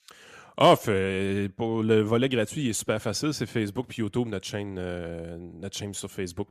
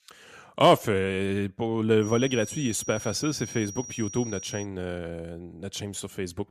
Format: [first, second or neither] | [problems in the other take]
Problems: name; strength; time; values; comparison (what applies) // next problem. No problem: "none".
first | high-pitched whine; noticeable; from 2 to 4.5 s; 5.5 kHz, 10 dB below the speech